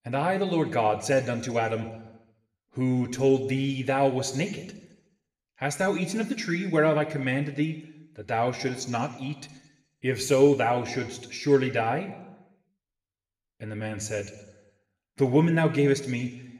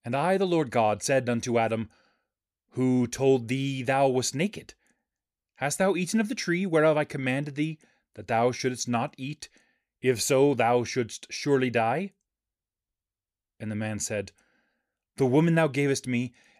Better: second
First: room echo; slight; dies away in 0.9 s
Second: none

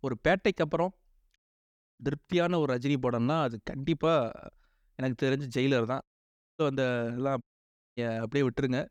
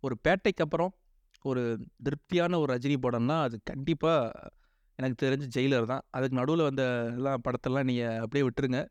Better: second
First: audio cutting out; at 1.5 s for 0.5 s, at 6 s for 0.5 s and at 7.5 s for 0.5 s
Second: none

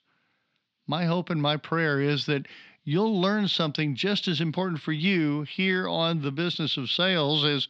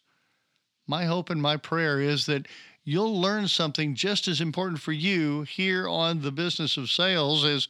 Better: second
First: muffled; very slightly; fading above 4 kHz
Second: none

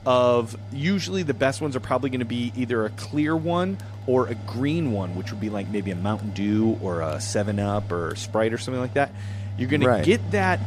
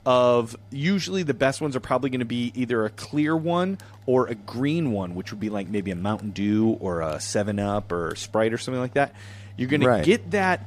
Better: second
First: machinery noise; loud; throughout; 10 dB below the speech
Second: machinery noise; faint; throughout; 20 dB below the speech

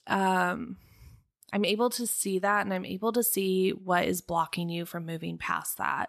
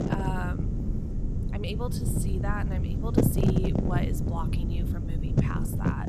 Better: first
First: none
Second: wind noise on the microphone; heavy; 1 dB above the speech

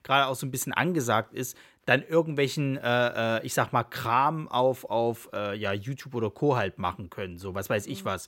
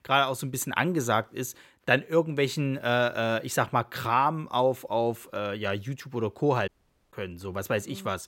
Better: first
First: none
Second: audio cutting out; at 6.5 s

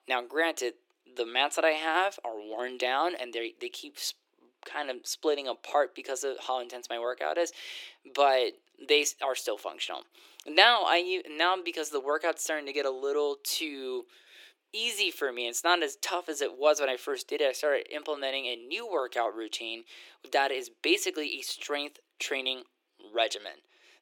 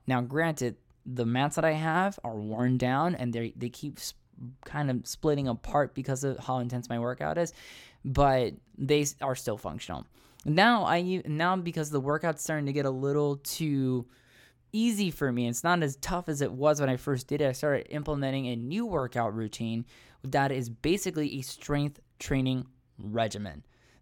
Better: second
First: thin; very; fading below 350 Hz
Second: none

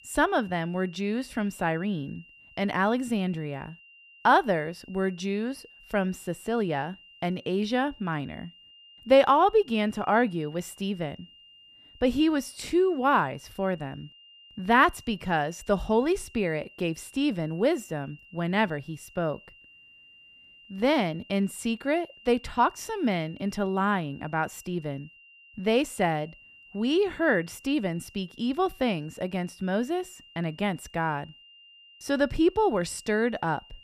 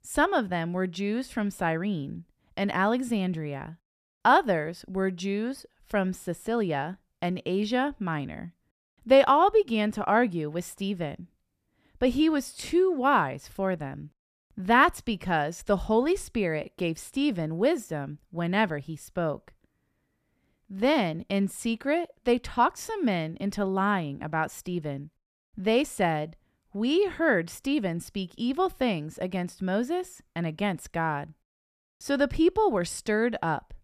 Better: second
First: high-pitched whine; faint; throughout; 3 kHz, 25 dB below the speech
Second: none

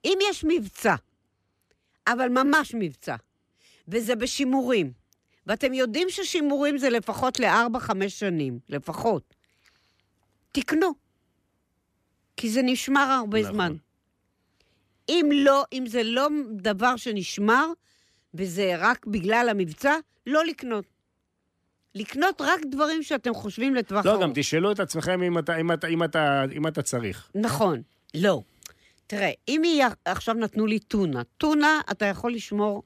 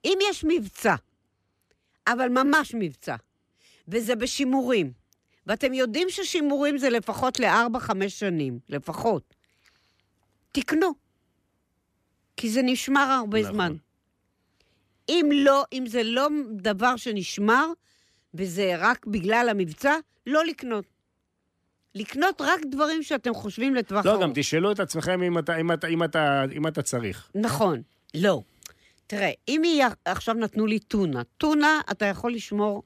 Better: neither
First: none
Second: none

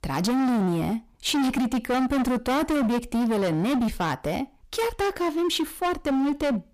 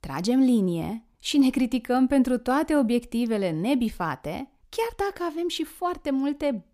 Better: second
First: distortion; heavy; 32% of the sound clipped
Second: none

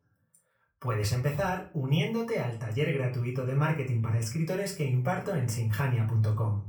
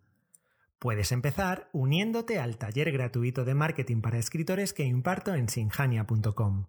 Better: second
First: off-mic speech; far // room echo; slight; dies away in 0.3 s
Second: none

